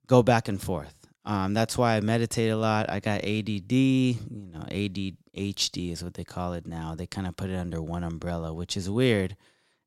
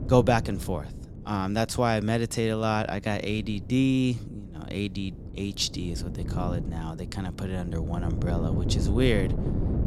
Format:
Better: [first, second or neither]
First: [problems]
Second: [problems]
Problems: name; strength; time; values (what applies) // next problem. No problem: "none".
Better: first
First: none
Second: wind noise on the microphone; occasional gusts; 10 dB below the speech